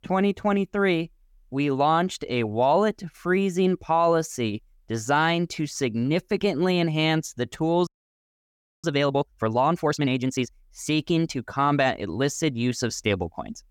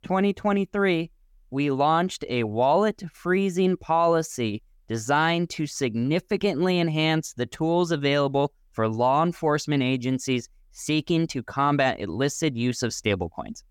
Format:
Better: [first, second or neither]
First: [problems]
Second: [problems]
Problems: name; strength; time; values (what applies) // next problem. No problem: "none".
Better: second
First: audio freezing; at 8 s for 1 s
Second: none